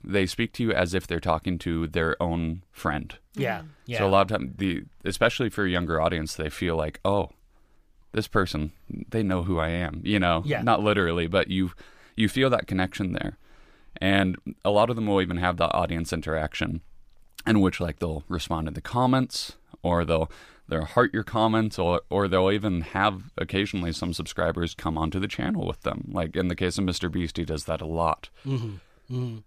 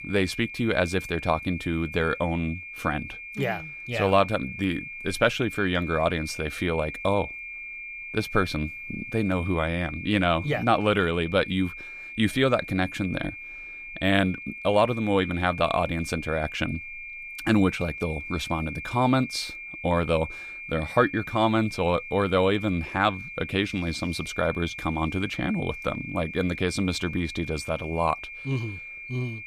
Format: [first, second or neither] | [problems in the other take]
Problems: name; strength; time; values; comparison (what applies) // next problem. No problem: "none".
first | high-pitched whine; loud; throughout; 2.5 kHz, 10 dB below the speech